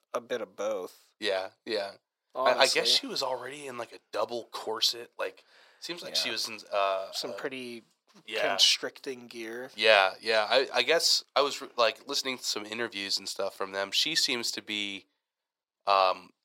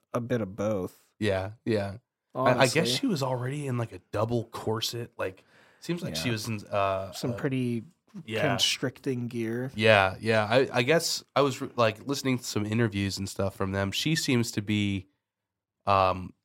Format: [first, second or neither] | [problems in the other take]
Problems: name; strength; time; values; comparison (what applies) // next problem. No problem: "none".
second | thin; very; fading below 550 Hz